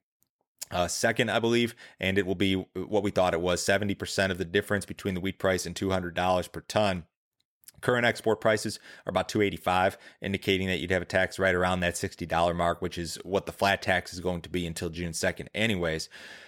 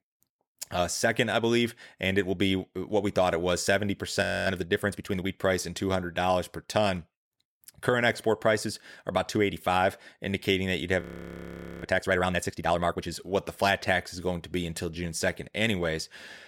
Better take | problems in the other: first | audio freezing; at 4 s and at 11 s for 1 s

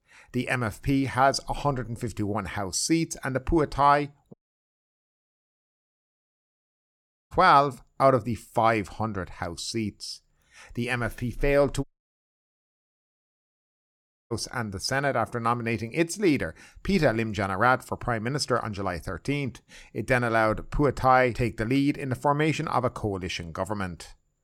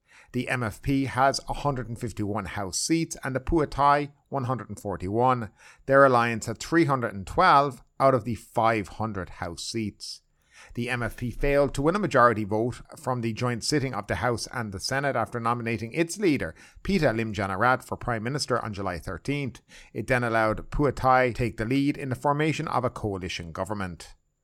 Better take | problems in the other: second | audio cutting out; at 4.5 s for 3 s and at 12 s for 2.5 s

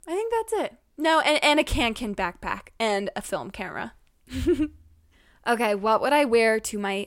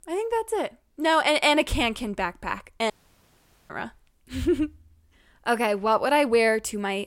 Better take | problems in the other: first | audio cutting out; at 3 s for 1 s

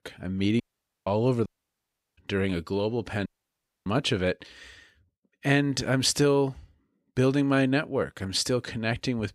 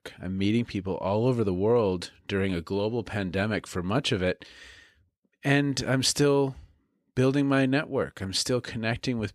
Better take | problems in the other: second | audio cutting out; at 0.5 s, at 1.5 s for 0.5 s and at 3.5 s for 0.5 s

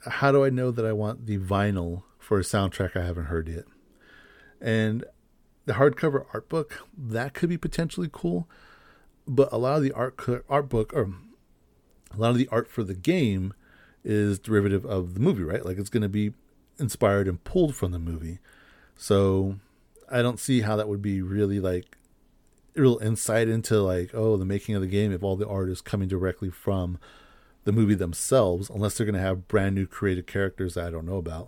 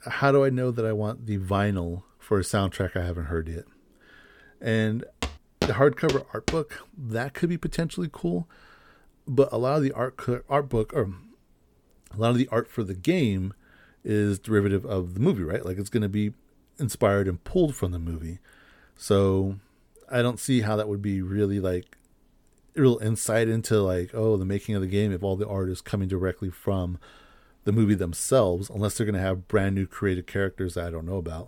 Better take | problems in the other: first | footsteps; noticeable; from 5 to 6.5 s; peak 4 dB below the speech

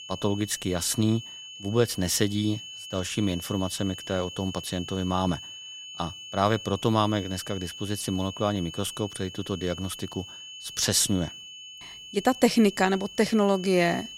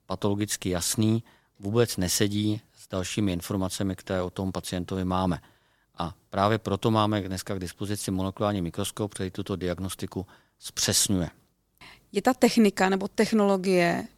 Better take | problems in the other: second | high-pitched whine; noticeable; throughout; 3 kHz, 10 dB below the speech

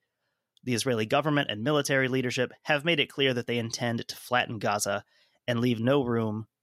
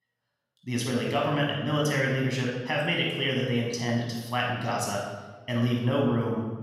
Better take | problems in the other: first | off-mic speech; far // room echo; noticeable; dies away in 1.1 s

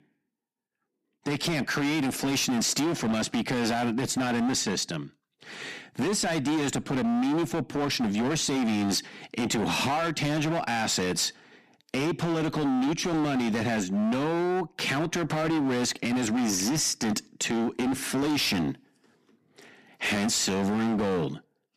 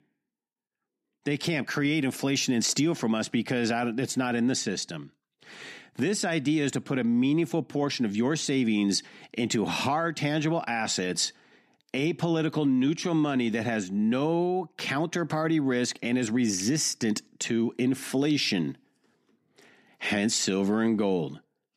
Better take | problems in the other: second | distortion; heavy; 26% of the sound clipped

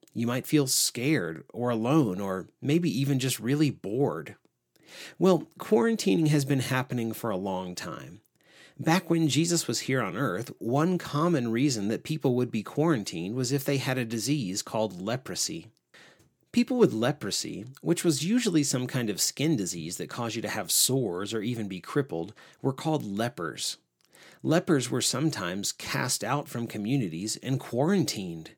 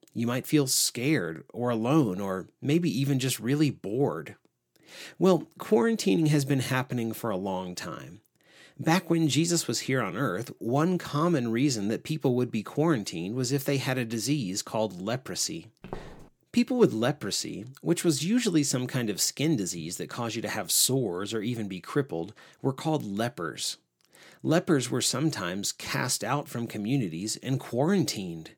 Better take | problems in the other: first | footsteps; faint; at 16 s; peak 15 dB below the speech

